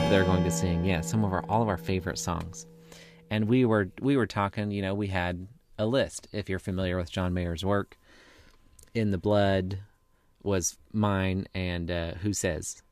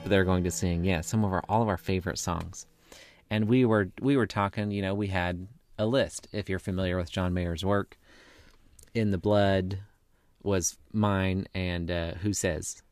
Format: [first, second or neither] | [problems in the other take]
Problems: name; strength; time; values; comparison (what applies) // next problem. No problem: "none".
second | background music; loud; throughout; 6 dB below the speech; faint in the second